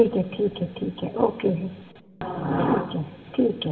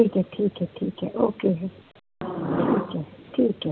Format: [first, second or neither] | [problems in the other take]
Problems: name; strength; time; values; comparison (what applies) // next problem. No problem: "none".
second | room echo; dies away in 1 s